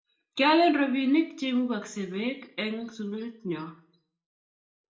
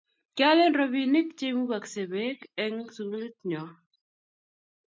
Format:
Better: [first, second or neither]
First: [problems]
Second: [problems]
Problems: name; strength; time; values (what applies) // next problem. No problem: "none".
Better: second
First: room echo; dies away in 0.4 s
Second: none